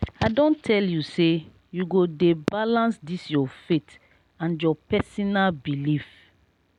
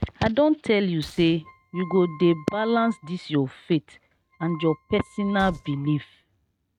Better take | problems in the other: first | noise reduction (neural mask model RNNoise)

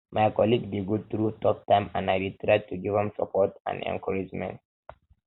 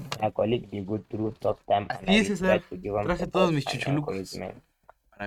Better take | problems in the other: first | noise reduction (neural mask model RNNoise)

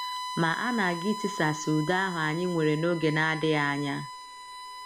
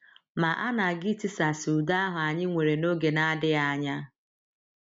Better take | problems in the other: second | background sound (Bowed string instrument); 10 dB below the speech

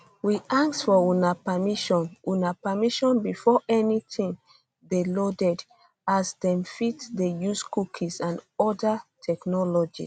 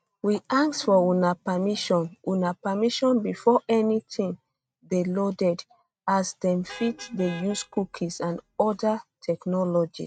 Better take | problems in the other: first | noise reduction (neural mask model RNNoise)

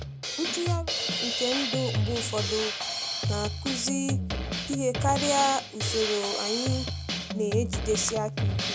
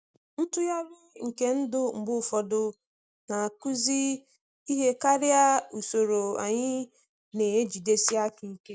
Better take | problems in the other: second | background sound (Drum kit); as loud as the speech

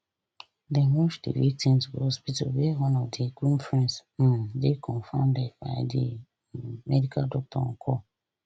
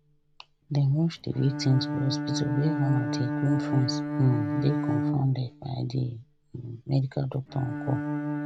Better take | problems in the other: first | background sound (Bowed string instrument); 4 dB below the speech

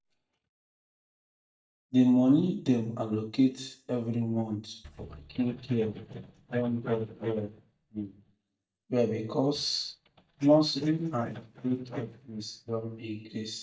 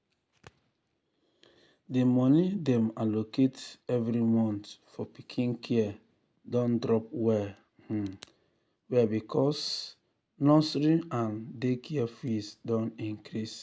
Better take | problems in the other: second | noise reduction (neural mask model DeepFilterNet 3)

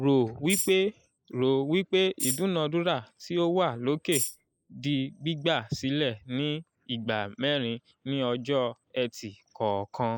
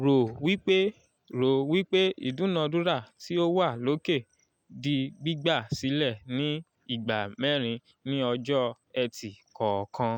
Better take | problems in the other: second | noise reduction (neural mask model Resemble Enhance denoiser)

